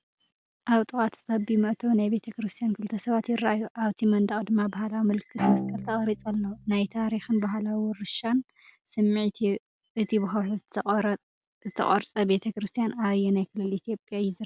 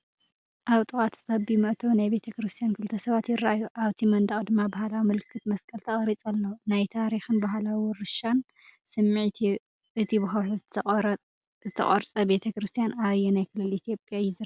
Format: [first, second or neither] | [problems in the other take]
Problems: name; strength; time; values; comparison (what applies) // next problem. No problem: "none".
second | background sound (Bowed string instrument); 7 dB below the speech